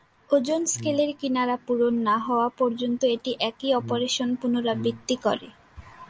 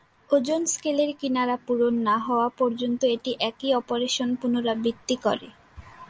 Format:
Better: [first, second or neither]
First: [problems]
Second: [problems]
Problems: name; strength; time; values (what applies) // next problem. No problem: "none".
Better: second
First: background sound (Brass instrument); 14 dB below the speech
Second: none